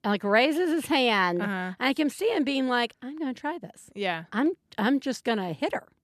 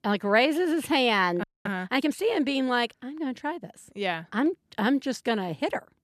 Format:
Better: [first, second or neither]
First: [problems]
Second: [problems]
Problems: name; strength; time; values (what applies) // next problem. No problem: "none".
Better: first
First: none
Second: audio freezing; at 1.5 s